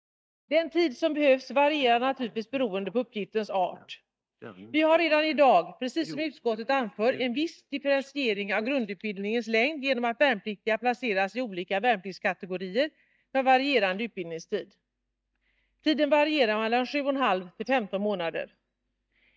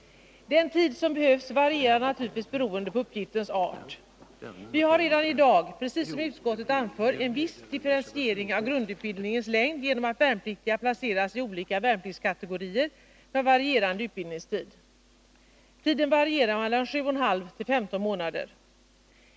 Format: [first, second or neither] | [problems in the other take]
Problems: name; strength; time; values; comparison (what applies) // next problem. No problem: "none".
second | noise reduction (neural mask model DeepFilterNet 3)